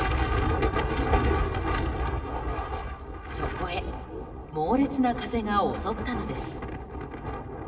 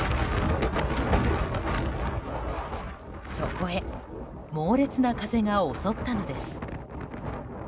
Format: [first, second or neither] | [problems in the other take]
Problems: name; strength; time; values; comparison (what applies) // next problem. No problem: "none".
second | room echo; dies away in 2.1 s